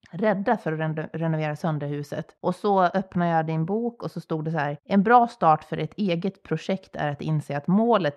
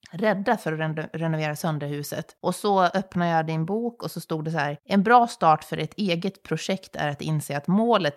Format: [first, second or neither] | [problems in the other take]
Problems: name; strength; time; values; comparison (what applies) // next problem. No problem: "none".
second | muffled; slightly; fading above 1.5 kHz